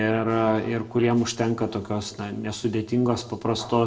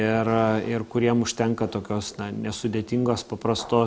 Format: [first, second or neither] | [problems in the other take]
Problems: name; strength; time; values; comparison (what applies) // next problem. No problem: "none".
second | noise reduction (neural separator model SepFormer DNS4)